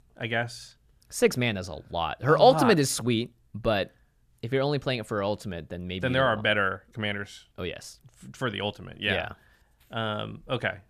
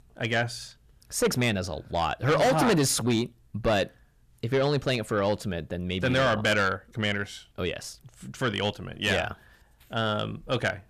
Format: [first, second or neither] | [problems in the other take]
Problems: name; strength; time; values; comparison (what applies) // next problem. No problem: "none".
first | distortion; heavy; 7 dB below the speech